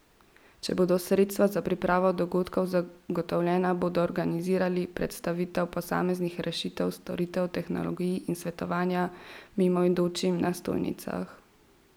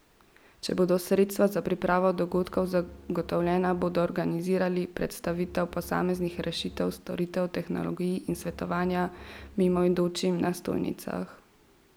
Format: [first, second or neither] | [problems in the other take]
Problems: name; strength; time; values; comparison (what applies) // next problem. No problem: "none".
first | background sound (Bowed string instrument); 20 dB below the speech